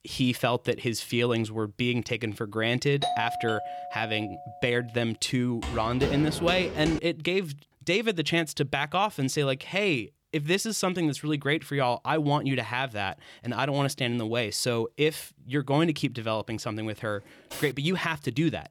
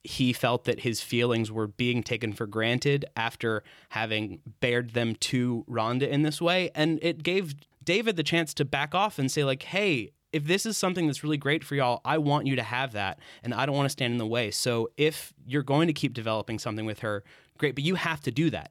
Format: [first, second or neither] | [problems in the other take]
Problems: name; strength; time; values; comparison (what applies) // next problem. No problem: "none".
second | doorbell; noticeable; from 3 to 4.5 s; peak 2 dB below the speech // footsteps; noticeable; from 5.5 to 7 s; peak 5 dB below the speech // clattering dishes; faint; at 17 s; peak 10 dB below the speech